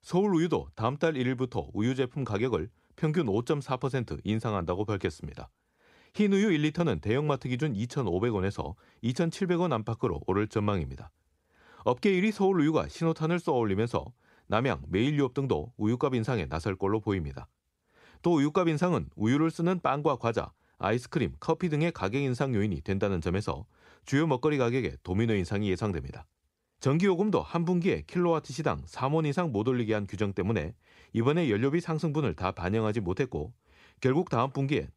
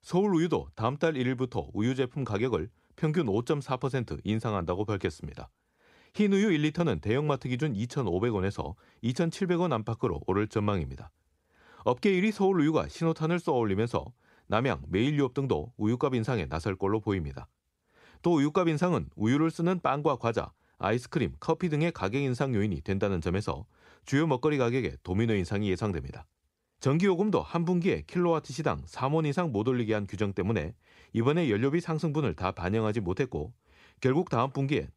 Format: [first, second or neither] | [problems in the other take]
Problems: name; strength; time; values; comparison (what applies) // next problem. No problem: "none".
neither | none